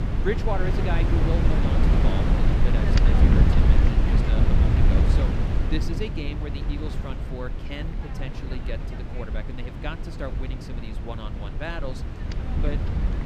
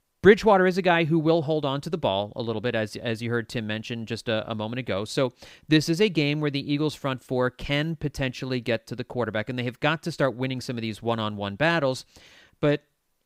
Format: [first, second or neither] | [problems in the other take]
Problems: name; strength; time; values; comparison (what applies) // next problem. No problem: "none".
second | wind noise on the microphone; heavy; 2 dB above the speech